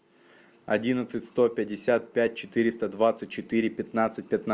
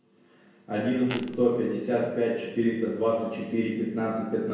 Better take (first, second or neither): first